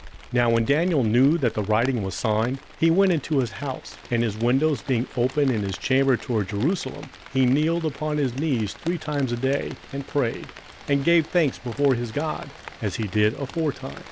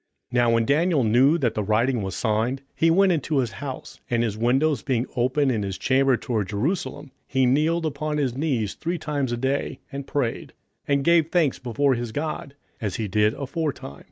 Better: second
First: background sound (Rain); 19 dB below the speech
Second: none

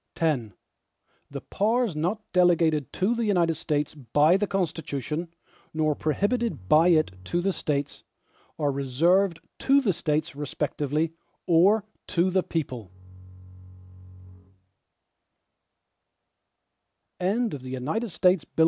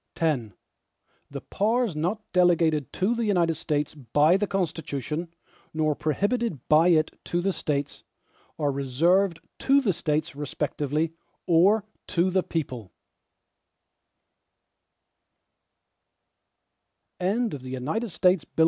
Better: second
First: background sound (Bowed string instrument); 19 dB below the speech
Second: none

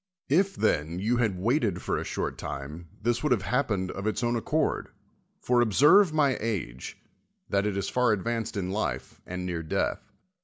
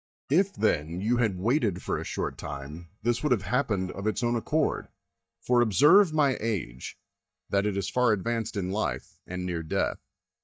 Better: first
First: none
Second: noise reduction (neural mask model DeepFilterNet 3)

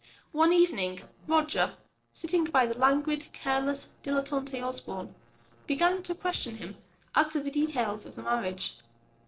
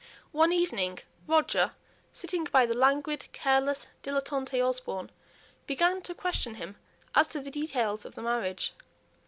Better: second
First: noise reduction (neural separator model SepFormer DNS4)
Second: none

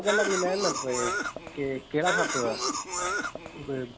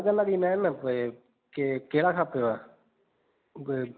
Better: second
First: background sound (Cough); as loud as the speech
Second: none

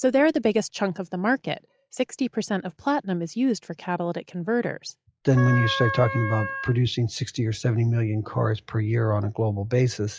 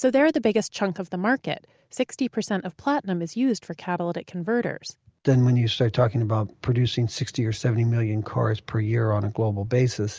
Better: second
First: noise reduction (classical method log-MMSE)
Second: none

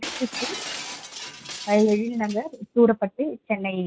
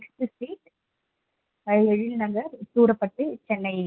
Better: second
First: background sound (Shatter); 12 dB below the speech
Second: none

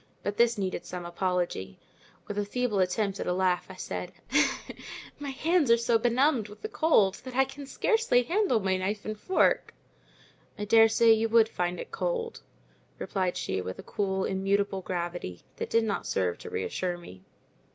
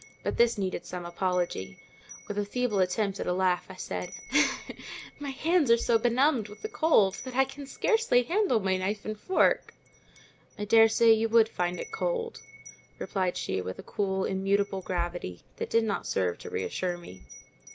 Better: first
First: none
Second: background sound (Wind chime); 19 dB below the speech

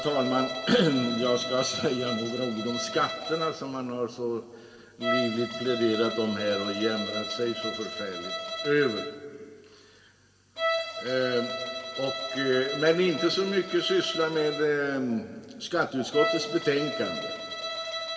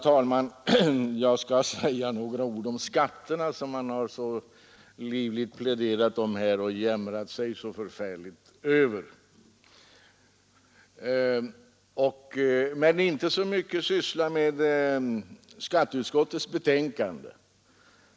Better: second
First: background sound (Bowed string instrument); 6 dB below the speech // room echo; dies away in 1.8 s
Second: none

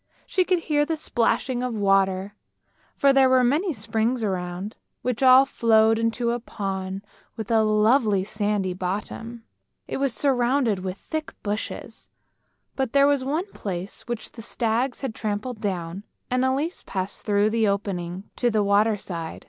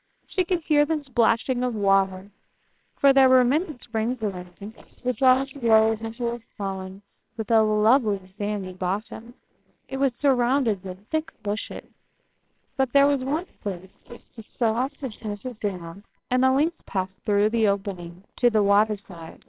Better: first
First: none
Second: noise reduction (neural separator model SepFormer WHAMR!)

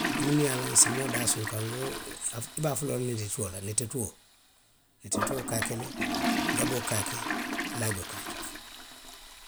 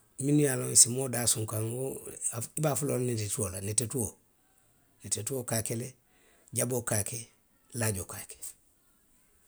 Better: second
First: background sound (Toilet flush); 3 dB below the speech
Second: none

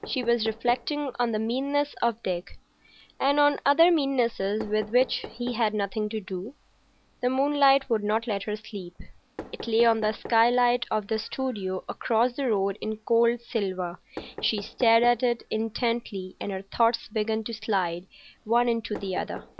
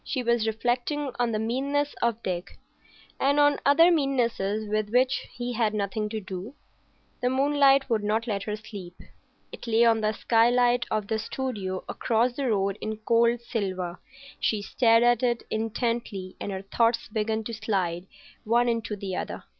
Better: second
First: background sound (Knock); 20 dB below the speech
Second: none

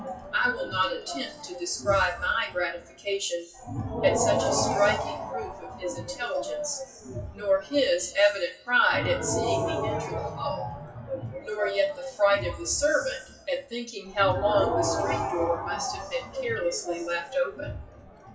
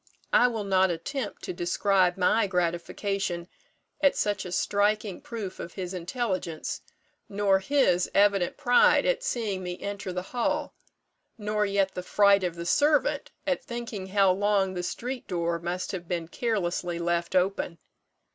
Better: second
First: noise reduction (classical method WPE with log-MMSE)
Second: none

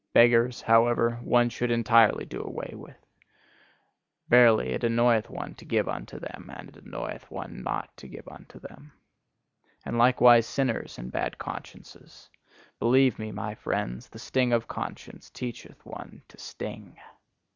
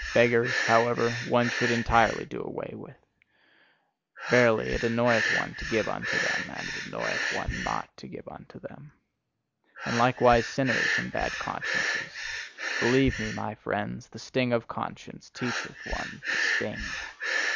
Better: first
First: none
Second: background sound (Breathing); 4 dB below the speech

